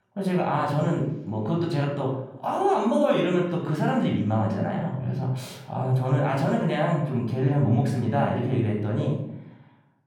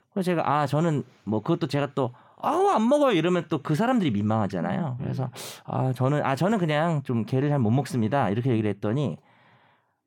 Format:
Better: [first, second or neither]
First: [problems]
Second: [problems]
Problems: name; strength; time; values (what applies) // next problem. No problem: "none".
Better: second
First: off-mic speech; somewhat distant // room echo; noticeable; dies away in 0.7 s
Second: none